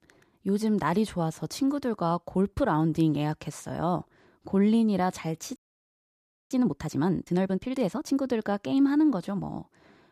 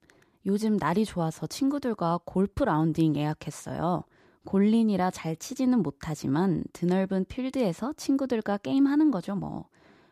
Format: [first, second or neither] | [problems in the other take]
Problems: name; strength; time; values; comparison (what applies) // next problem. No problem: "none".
second | audio freezing; at 5.5 s for 1 s